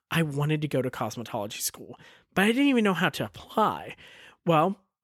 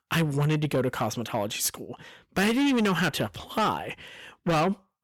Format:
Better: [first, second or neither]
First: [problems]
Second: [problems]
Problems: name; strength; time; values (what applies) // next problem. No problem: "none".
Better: first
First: none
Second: distortion; heavy; 8 dB below the speech